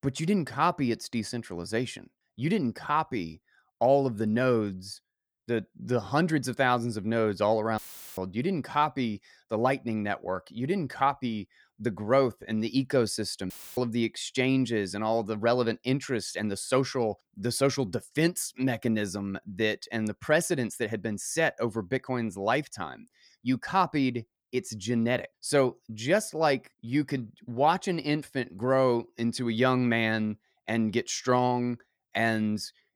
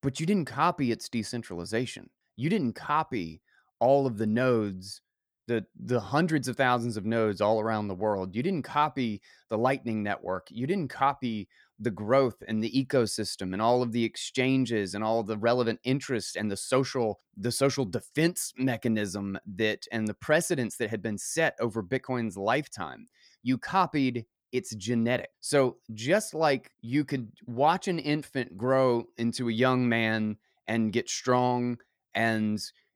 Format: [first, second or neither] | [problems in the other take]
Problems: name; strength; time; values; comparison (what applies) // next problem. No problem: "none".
second | audio cutting out; filled with static; at 8 s and at 14 s